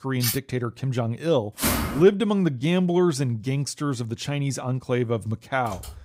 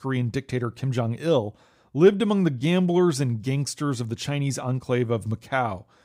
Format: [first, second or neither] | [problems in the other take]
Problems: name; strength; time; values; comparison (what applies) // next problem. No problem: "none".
second | clattering dishes; noticeable; at the start; peak 3 dB below the speech // footsteps; loud; at 1.5 s; peak 1 dB above the speech // keyboard typing; faint; at 5.5 s; peak 15 dB below the speech